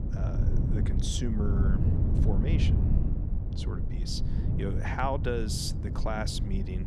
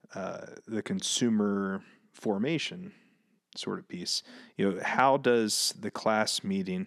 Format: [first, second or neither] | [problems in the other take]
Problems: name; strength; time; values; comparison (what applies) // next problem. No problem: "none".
second | low rumble; loud; throughout; 5 dB below the speech